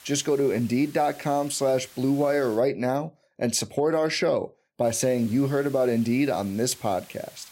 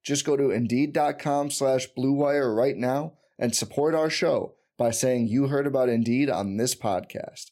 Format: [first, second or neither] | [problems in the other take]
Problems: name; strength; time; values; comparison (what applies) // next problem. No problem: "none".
second | hiss; faint; until 2.5 s and from 5 s on; 20 dB below the speech